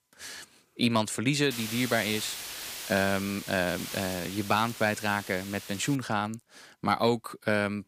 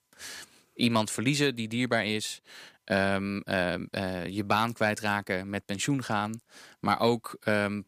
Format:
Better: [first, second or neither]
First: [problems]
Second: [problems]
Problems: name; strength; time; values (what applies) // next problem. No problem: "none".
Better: second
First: hiss; loud; from 1.5 to 6 s; 9 dB below the speech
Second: none